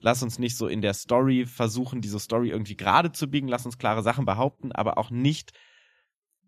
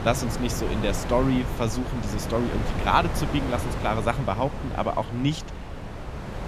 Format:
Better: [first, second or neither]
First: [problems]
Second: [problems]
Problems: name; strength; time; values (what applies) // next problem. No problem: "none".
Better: first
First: none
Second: wind noise on the microphone; heavy; 8 dB below the speech